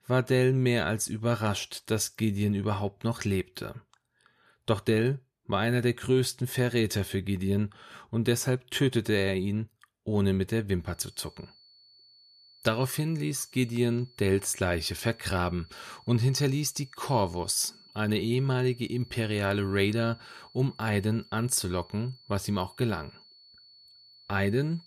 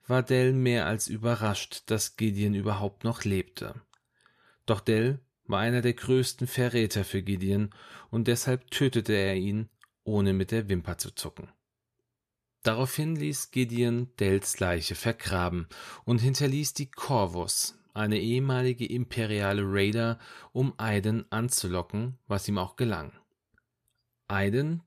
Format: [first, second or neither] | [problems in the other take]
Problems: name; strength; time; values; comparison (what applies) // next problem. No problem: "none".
second | high-pitched whine; faint; from 11 s on; 4.5 kHz, 25 dB below the speech